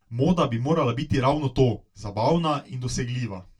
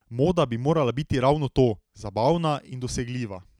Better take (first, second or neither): second